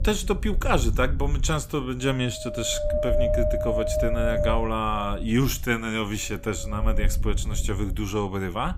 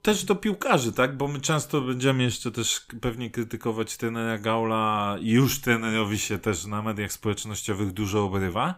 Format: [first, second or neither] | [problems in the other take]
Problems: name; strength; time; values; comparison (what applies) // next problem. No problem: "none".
second | wind noise on the microphone; heavy; 1 dB above the speech